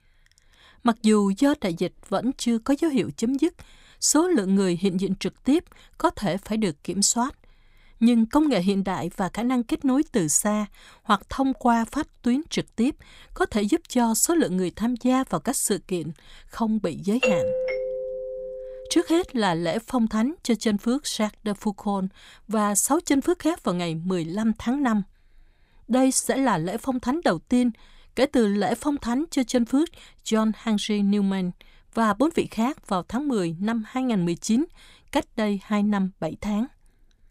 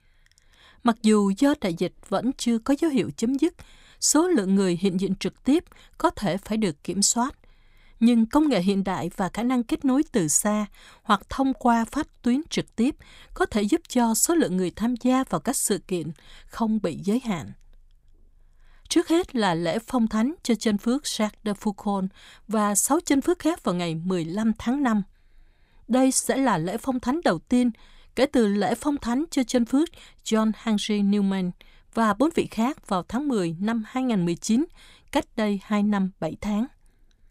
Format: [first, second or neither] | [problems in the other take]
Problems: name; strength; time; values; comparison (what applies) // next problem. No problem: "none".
second | doorbell; loud; from 17 to 19 s; peak 1 dB above the speech